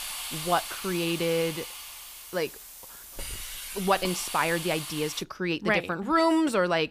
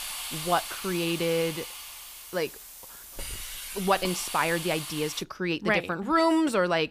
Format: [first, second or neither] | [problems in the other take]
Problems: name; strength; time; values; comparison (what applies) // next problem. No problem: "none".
neither | hiss; loud; until 5 s; 9 dB below the speech; the same in both